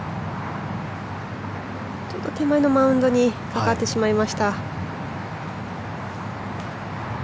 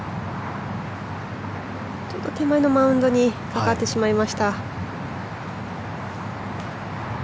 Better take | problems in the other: second | background sound (Bowed string instrument); 19 dB below the speech

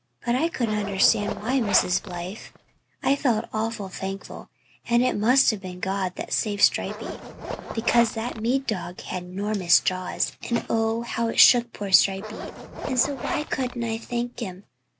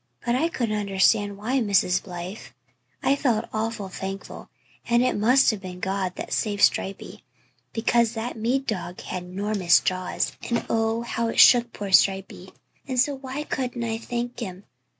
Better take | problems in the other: second | background sound (Zipper (clothing)); 9 dB below the speech

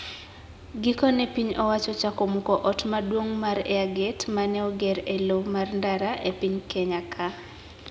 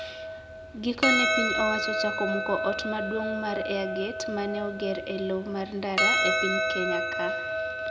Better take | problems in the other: first | background sound (Percussion); 2 dB above the speech

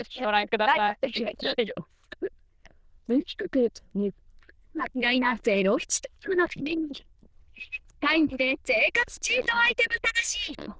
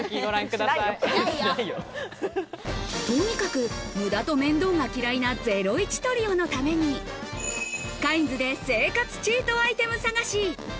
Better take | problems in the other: second | noise reduction (neural diffusion model UNIVERSE++)

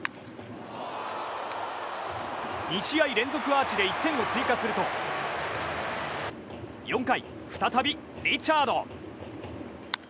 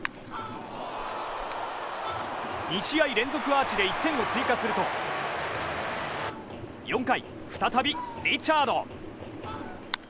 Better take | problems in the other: first | background sound (Fowl); 15 dB below the speech

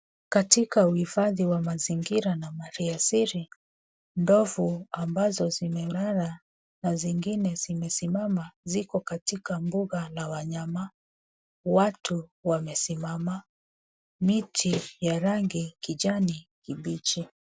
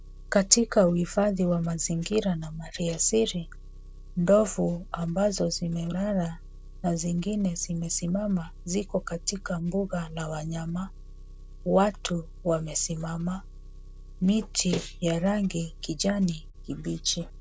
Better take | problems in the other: first | background sound (Engine); 15 dB below the speech

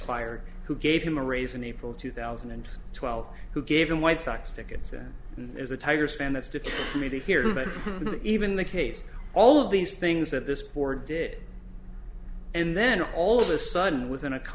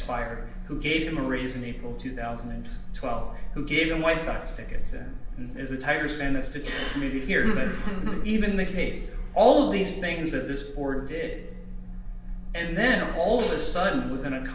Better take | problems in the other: first | room echo; dies away in 0.9 s

